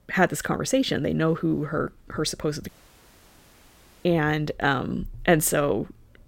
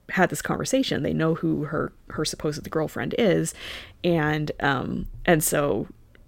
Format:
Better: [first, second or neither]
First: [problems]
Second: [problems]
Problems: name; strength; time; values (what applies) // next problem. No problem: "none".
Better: second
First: audio cutting out; at 2.5 s for 1.5 s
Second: none